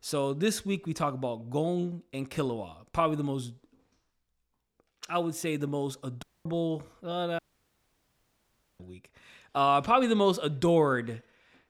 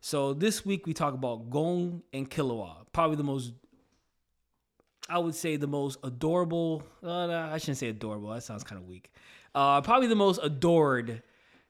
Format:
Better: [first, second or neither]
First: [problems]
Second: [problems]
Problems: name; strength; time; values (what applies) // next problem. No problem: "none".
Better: second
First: audio cutting out; at 6 s and at 7.5 s for 1.5 s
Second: none